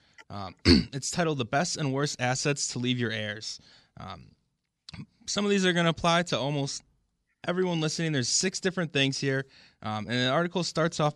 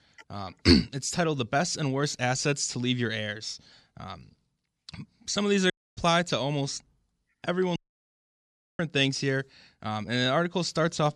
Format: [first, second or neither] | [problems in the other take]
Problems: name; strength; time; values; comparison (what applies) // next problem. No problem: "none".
first | audio cutting out; at 5.5 s and at 8 s for 1 s